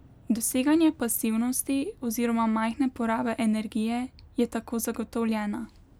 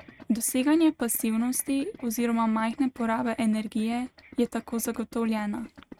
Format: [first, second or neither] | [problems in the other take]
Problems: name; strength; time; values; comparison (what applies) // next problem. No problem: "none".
first | noise reduction (neural mask model RNNoise)